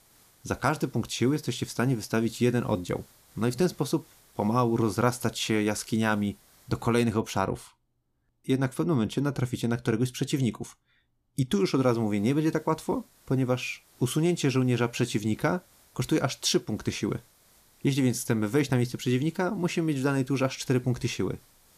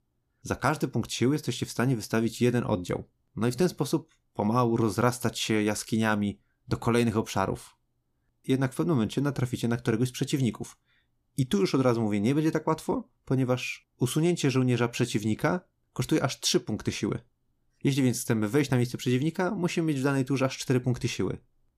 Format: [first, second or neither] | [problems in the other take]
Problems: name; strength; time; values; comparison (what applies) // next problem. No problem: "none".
second | hiss; faint; until 7 s and from 12 s on; 30 dB below the speech